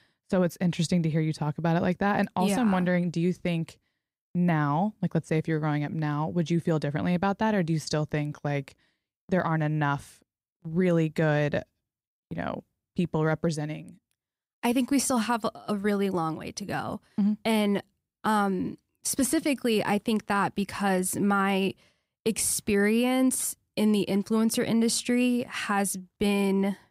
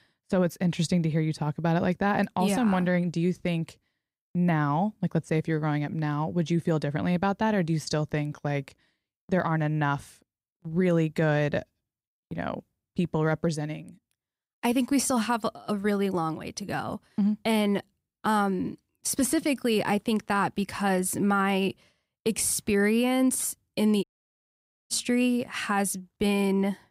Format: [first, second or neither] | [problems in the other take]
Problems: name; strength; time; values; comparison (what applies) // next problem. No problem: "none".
first | audio cutting out; at 24 s for 1 s